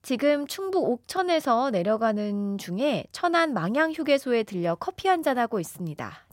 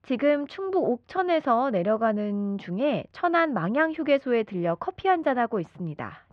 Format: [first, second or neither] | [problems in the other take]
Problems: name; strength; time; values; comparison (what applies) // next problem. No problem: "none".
first | muffled; slightly; fading above 2.5 kHz